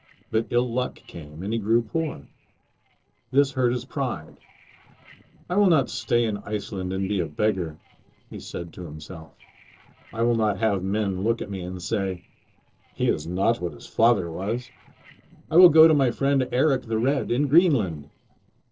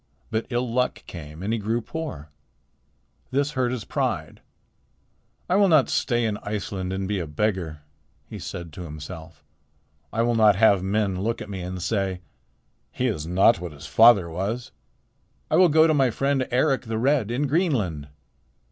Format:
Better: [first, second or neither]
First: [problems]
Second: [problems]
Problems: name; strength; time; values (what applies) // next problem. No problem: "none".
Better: second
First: noise reduction (neural separator model SepFormer DNS4)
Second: none